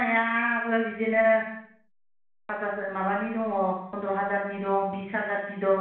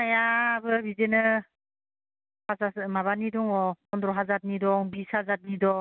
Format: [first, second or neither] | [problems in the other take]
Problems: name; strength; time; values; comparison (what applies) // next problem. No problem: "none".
second | room echo; dies away in 0.7 s